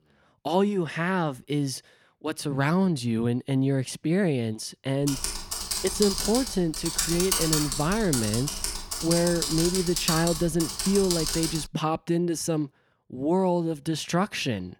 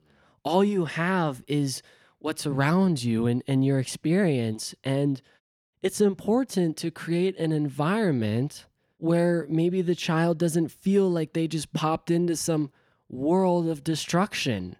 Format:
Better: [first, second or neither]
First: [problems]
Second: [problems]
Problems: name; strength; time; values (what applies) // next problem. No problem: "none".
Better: second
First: keyboard typing; loud; from 5 to 12 s; peak 3 dB above the speech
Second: none